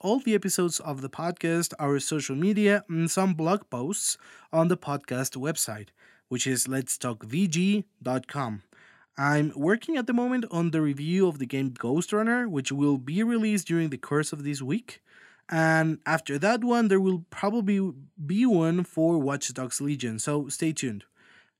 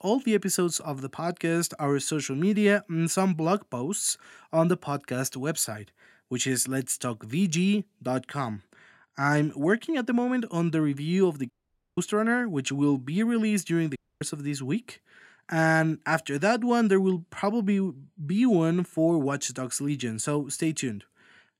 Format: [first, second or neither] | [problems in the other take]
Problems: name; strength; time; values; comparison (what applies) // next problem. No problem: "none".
first | audio cutting out; at 12 s and at 14 s